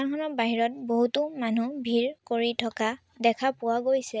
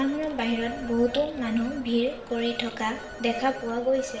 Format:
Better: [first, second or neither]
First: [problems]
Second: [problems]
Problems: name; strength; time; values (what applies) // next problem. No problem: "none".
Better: first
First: none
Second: background sound (Telephone); 13 dB below the speech // room echo; dies away in 0.8 s